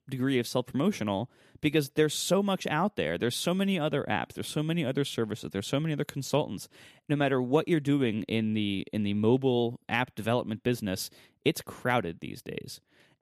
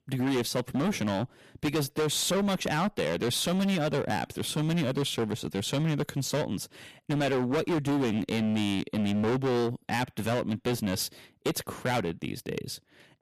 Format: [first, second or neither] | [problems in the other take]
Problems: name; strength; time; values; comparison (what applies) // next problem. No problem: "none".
first | distortion; heavy; 21% of the sound clipped